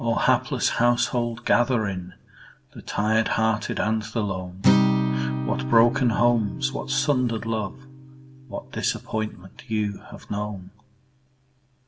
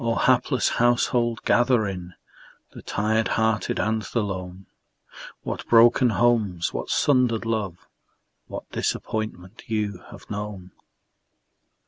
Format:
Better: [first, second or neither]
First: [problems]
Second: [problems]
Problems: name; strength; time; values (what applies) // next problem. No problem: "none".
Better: second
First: background sound (Acoustic guitar); 5 dB below the speech // room echo; dies away in 0.3 s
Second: none